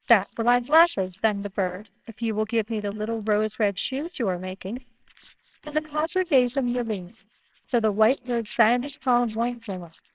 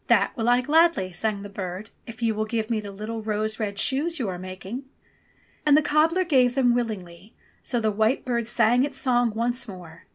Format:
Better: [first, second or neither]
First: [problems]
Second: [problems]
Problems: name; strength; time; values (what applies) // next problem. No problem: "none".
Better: second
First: noise reduction (neural separator model SepFormer WHAMR!)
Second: none